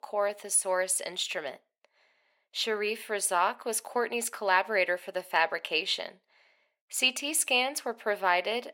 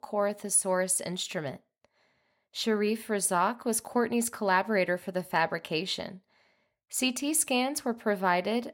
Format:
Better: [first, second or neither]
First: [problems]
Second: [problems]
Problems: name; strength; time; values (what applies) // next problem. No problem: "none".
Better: second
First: thin; somewhat; fading below 500 Hz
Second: none